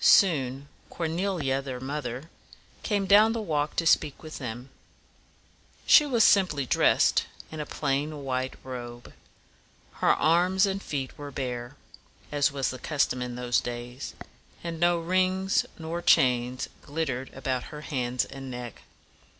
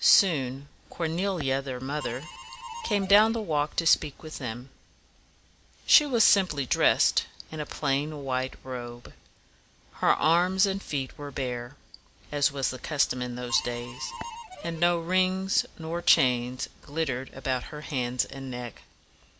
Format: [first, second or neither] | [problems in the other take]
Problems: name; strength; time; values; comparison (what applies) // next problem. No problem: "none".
first | background sound (Harmonica); 13 dB below the speech